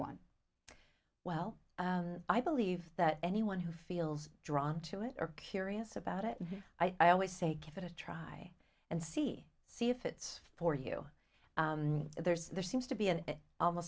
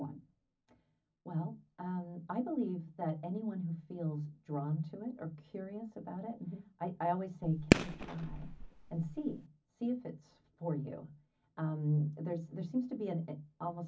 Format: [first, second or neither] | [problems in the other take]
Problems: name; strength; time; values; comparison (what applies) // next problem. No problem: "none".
first | background sound (Fireworks); 4 dB above the speech // room echo; dies away in 0.4 s